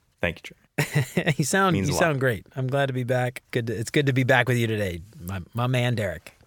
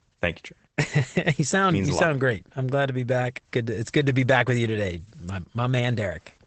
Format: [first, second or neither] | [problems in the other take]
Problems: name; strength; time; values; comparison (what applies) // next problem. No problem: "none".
first | garbled, watery; badly; nothing above 8 kHz